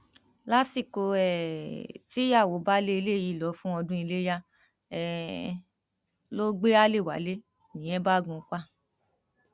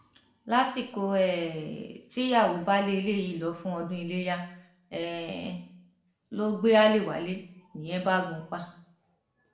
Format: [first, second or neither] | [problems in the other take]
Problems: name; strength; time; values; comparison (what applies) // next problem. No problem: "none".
first | room echo; dies away in 0.6 s